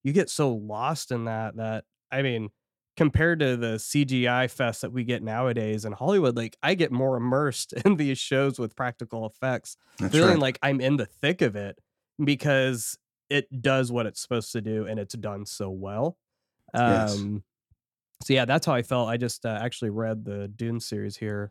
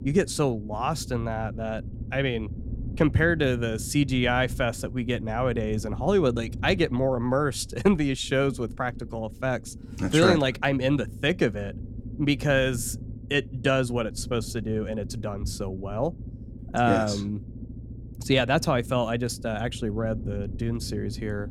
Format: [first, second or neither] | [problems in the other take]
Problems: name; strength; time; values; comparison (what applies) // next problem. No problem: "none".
first | low rumble; faint; throughout; 20 dB below the speech